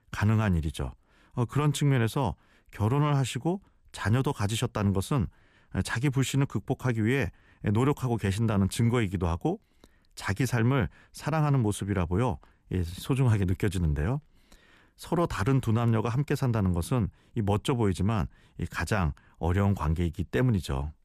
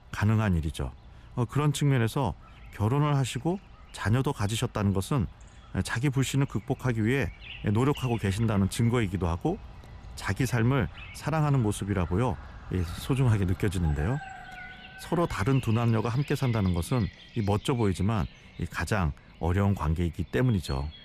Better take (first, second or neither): first